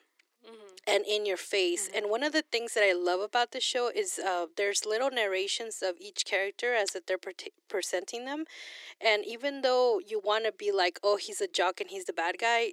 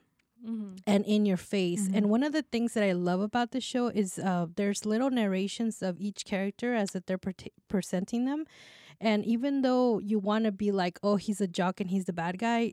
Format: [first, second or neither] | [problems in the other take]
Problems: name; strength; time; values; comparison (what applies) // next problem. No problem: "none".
second | thin; very; fading below 350 Hz